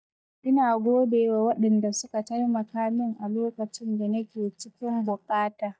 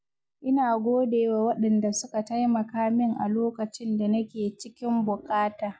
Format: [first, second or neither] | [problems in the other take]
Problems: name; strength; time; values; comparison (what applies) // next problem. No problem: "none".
second | noise reduction (neural mask model DeepFilterNet 3)